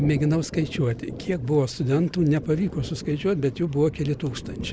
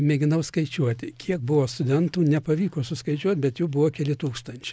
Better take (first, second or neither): second